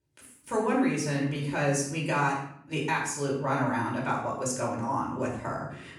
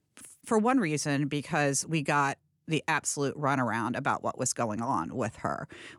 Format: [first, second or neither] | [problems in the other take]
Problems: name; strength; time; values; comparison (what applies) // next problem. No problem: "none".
second | off-mic speech; far // room echo; noticeable; dies away in 0.6 s